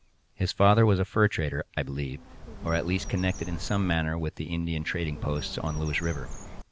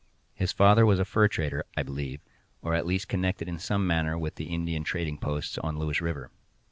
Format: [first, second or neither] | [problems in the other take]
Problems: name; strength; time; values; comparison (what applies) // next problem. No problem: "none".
second | background sound (Bird); 11 dB below the speech